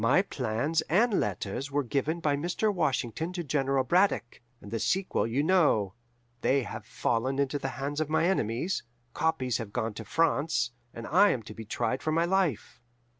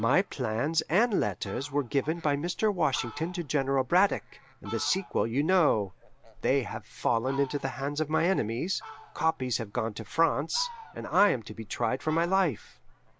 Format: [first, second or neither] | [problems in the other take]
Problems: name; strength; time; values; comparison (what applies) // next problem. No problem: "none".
first | background sound (Fowl); 19 dB below the speech